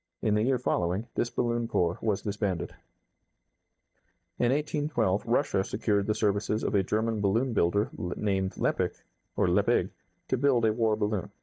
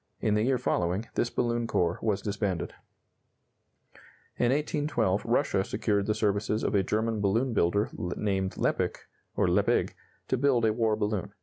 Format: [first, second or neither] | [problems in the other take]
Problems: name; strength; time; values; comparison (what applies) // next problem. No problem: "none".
second | noise reduction (neural mask model DeepFilterNet 3)